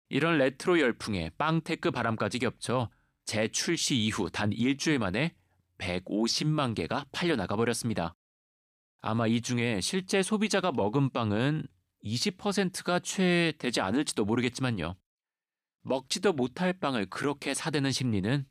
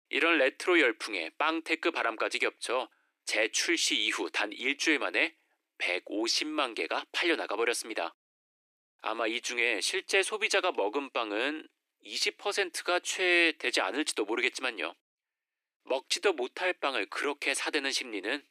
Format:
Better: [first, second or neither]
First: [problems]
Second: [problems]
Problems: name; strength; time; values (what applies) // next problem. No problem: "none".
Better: first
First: none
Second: thin; very; fading below 300 Hz